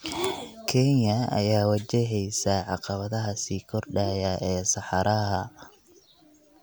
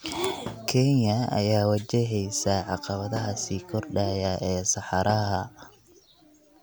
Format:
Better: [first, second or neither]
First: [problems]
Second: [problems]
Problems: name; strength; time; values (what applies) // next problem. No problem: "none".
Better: first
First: none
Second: background sound (Dog + Thump, thud); 17 dB below the speech